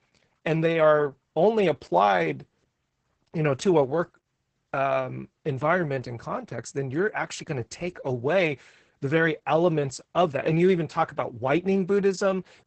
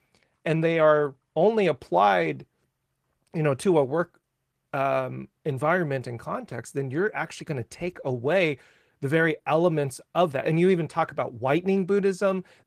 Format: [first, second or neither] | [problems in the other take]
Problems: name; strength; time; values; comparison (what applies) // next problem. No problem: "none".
second | garbled, watery; badly; nothing above 8 kHz; slightly in the second